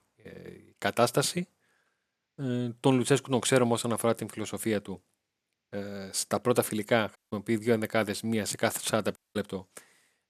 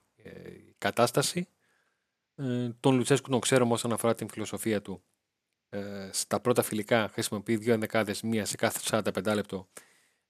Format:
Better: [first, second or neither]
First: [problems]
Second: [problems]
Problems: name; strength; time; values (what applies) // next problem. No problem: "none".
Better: second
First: audio cutting out; at 7 s and at 9 s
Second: none